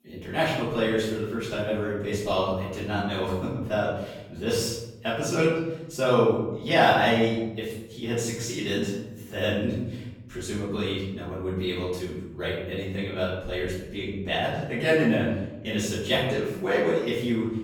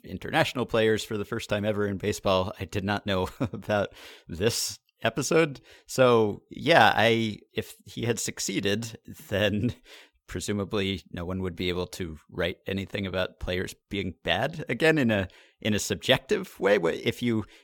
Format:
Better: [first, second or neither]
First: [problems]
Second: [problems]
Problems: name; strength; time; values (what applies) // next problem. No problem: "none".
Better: second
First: off-mic speech; far // room echo; noticeable; dies away in 0.9 s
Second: none